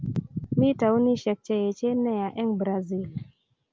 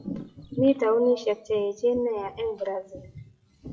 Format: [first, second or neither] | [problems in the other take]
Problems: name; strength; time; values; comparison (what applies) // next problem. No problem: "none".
first | noise reduction (classical method WPE with log-MMSE)